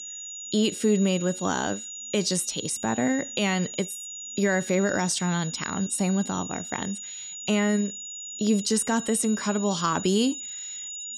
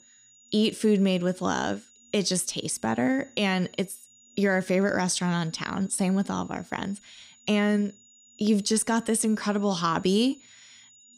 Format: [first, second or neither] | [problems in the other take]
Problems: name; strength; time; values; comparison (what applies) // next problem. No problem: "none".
second | high-pitched whine; loud; throughout; 7 kHz, 9 dB below the speech; faint in the second